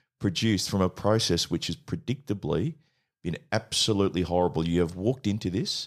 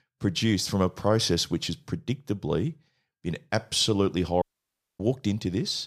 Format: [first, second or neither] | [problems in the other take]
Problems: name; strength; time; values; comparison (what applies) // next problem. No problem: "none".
first | audio cutting out; at 4.5 s for 0.5 s